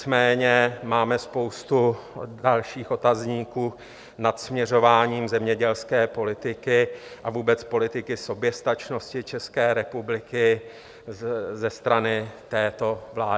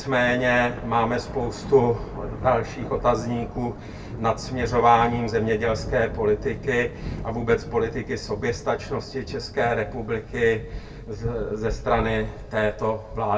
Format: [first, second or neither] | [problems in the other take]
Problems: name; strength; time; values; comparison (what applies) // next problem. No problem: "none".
first | background sound (Thunder); 11 dB below the speech // room echo; dies away in 0.2 s